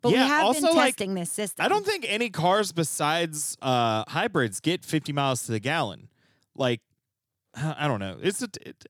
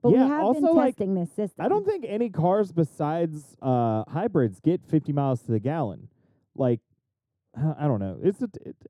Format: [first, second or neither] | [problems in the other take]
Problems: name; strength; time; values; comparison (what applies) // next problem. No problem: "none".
first | muffled; very; fading above 1 kHz